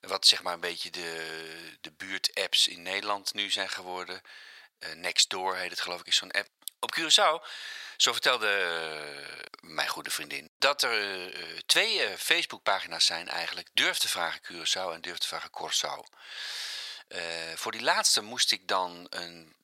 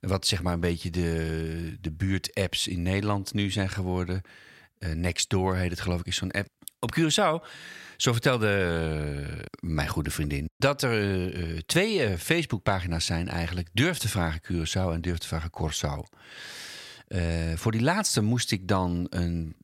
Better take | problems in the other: second | thin; very; fading below 800 Hz

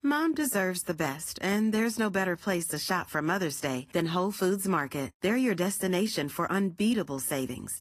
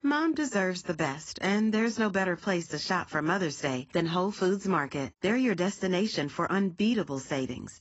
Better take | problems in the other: first | garbled, watery; badly; nothing above 7.5 kHz; slightly in the first

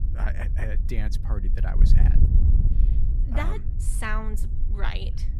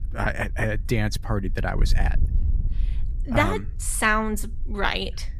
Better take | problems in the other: second | wind noise on the microphone; heavy; 7 dB below the speech; occasional gusts in the second

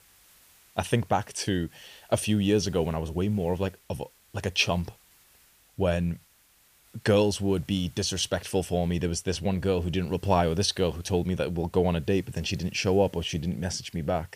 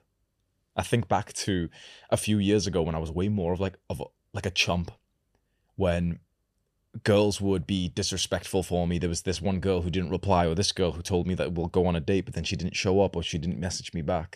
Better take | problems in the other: second | hiss; faint; throughout; 30 dB below the speech

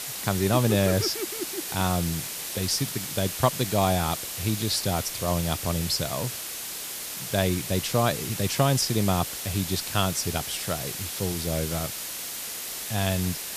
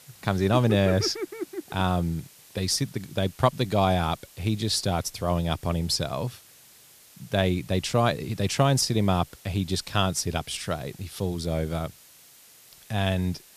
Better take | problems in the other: second | hiss; loud; throughout; 4 dB below the speech; faint in the second

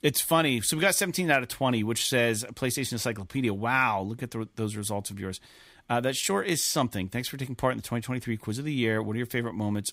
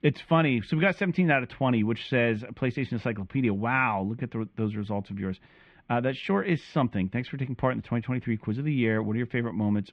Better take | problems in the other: first | muffled; very; fading above 2.5 kHz

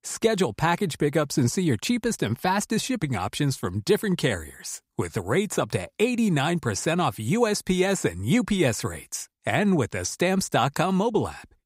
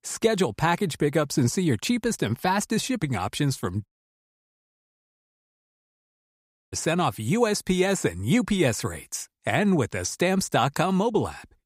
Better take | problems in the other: first | audio cutting out; at 4 s for 3 s

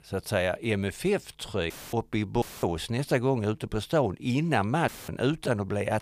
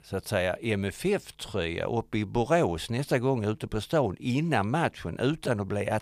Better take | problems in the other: second | audio cutting out; filled with static; at 1.5 s, at 2.5 s and at 5 s

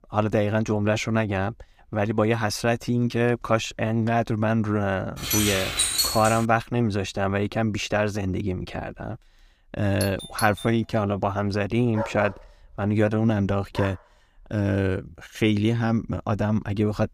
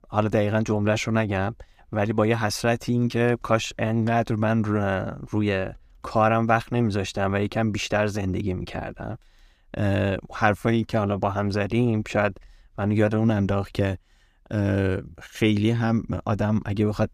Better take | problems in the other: second | jangling keys; loud; from 5 to 6.5 s; peak 4 dB above the speech // doorbell; noticeable; at 10 s; peak 9 dB below the speech // dog barking; noticeable; from 12 to 14 s; peak 7 dB below the speech

